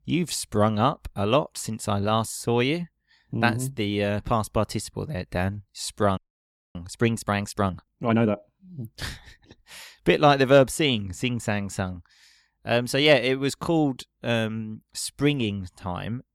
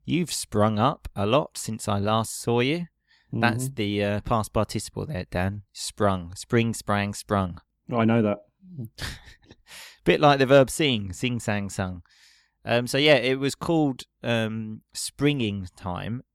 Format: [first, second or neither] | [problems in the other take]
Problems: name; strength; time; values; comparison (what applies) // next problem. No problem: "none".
second | audio freezing; at 6 s for 0.5 s